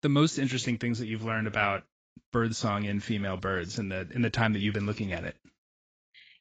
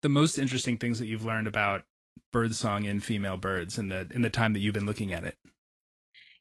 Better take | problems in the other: second | garbled, watery; badly; nothing above 7.5 kHz; slightly in the second

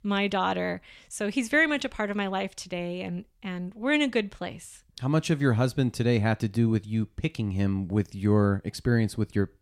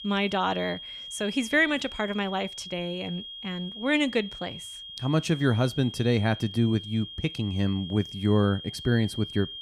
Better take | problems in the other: first | high-pitched whine; noticeable; throughout; 3.5 kHz, 10 dB below the speech

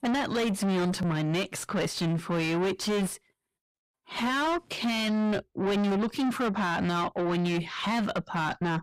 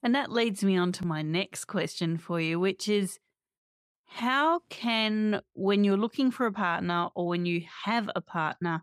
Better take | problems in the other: second | distortion; heavy; 6 dB below the speech

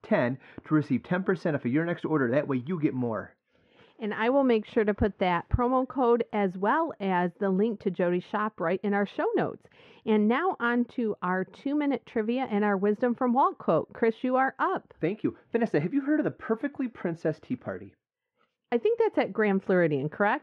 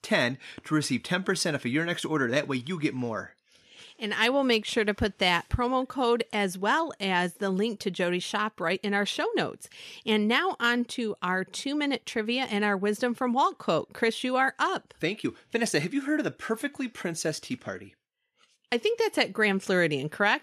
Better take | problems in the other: second | muffled; very; fading above 3.5 kHz

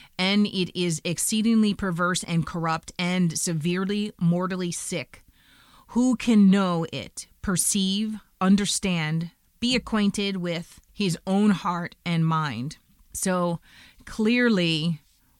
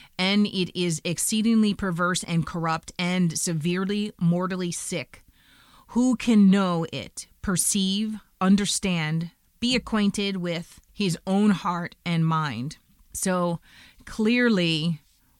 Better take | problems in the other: neither | none

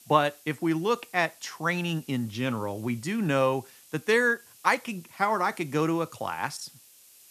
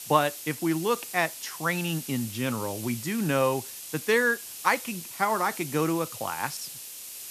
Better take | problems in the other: first | hiss; loud; throughout; 10 dB below the speech; faint in the first

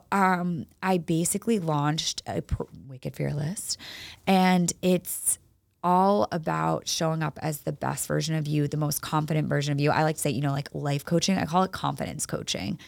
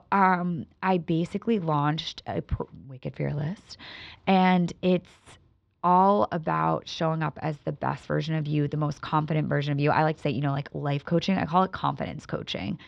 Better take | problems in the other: first | muffled; slightly; fading above 4 kHz

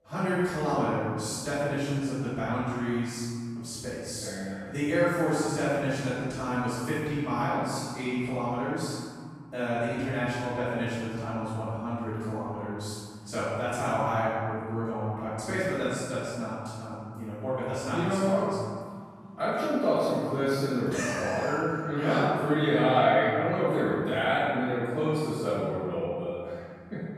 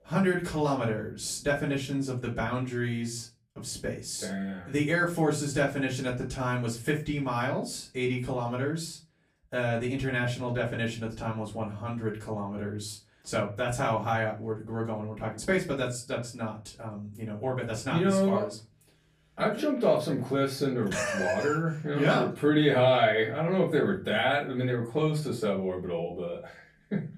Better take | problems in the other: second | room echo; strong; dies away in 2 s; slight in the second // off-mic speech; far; far in the second

